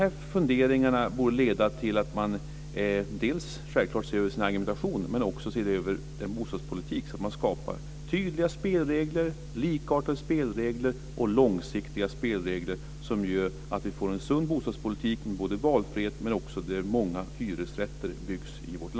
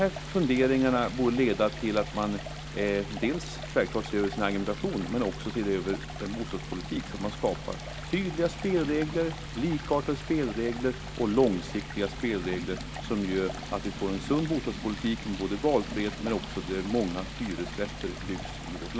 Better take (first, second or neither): first